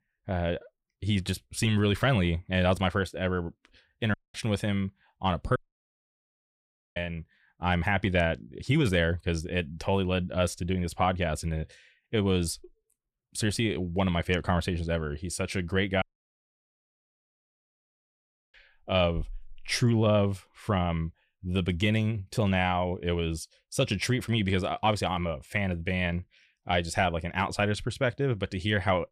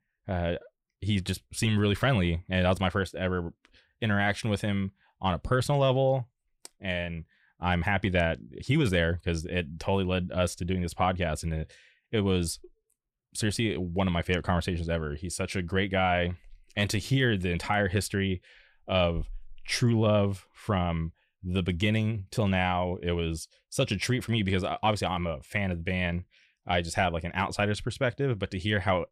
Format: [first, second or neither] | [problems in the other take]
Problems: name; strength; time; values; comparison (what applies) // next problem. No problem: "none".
second | audio cutting out; at 4 s, at 5.5 s for 1.5 s and at 16 s for 2.5 s